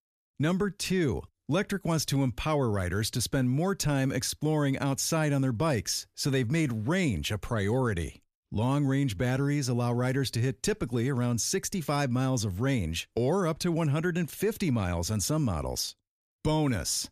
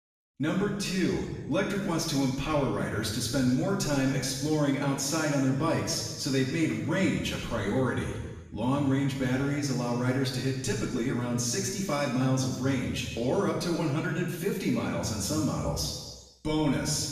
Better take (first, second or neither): first